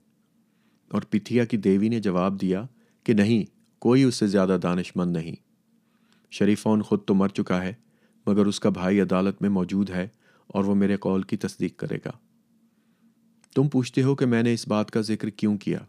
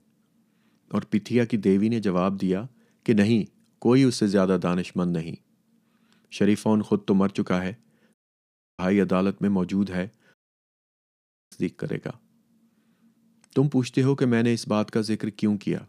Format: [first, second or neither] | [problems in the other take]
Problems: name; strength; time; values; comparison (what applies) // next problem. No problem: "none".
first | audio cutting out; at 8 s for 0.5 s and at 10 s for 1 s